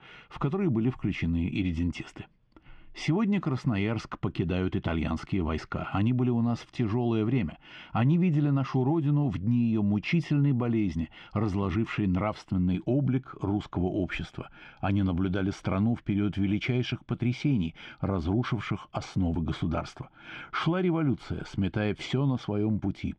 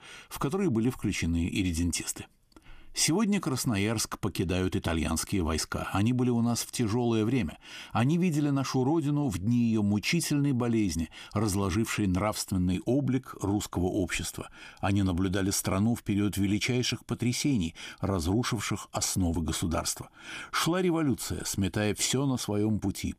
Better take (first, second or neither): second